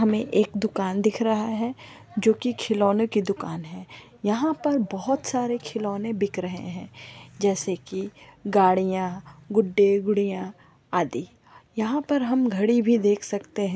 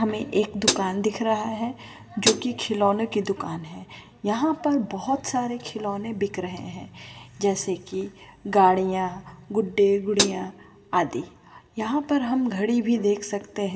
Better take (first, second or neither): first